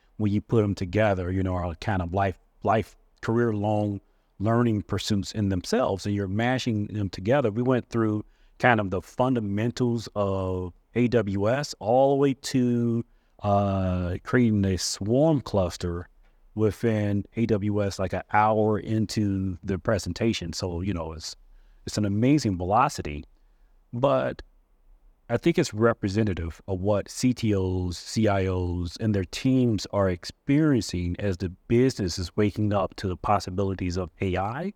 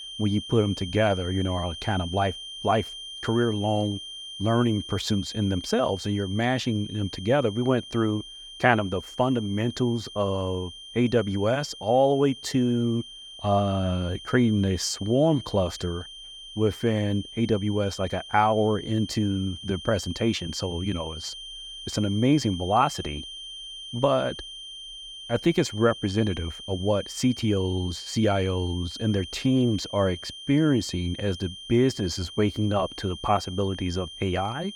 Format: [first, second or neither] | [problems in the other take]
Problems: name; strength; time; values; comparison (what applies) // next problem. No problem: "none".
first | high-pitched whine; noticeable; throughout; 3 kHz, 10 dB below the speech